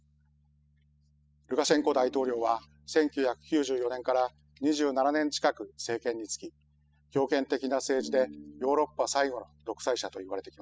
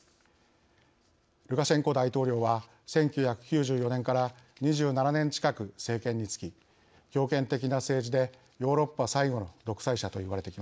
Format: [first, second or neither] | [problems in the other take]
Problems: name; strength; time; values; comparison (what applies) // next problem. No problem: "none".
second | noise reduction (classical method spectral subtraction)